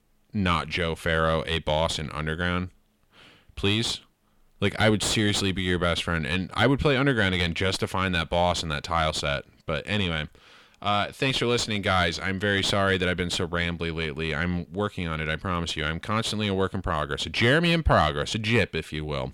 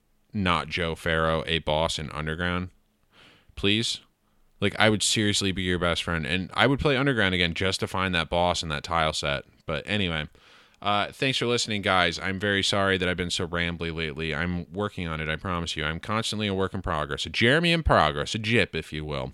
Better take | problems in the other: second | distortion; slight; 10 dB below the speech

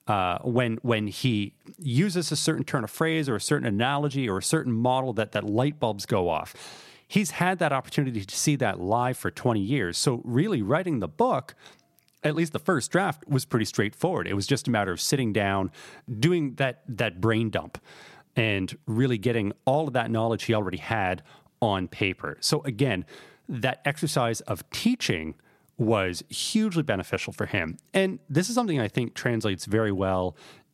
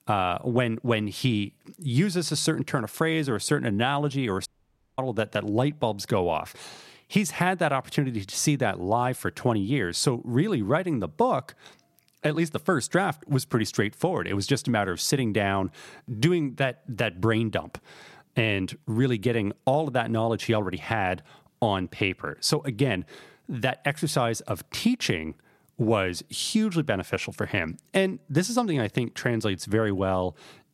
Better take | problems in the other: first | audio cutting out; at 4.5 s for 0.5 s

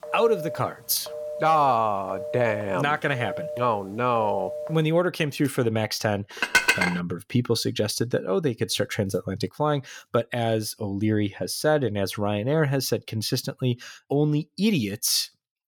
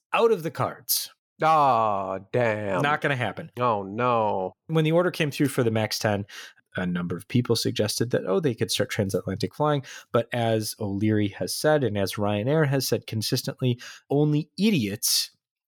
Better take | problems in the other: second | phone ringing; noticeable; until 5 s; peak 7 dB below the speech // clattering dishes; loud; at 6.5 s; peak 6 dB above the speech

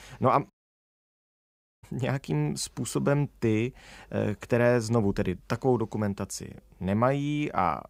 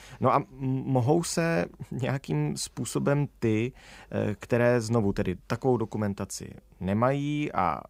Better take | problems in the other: second | audio cutting out; at 0.5 s for 1.5 s

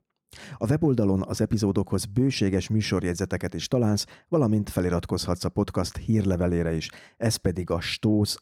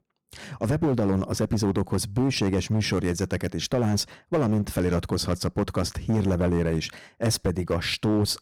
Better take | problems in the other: first | distortion; slight; 10% of the sound clipped

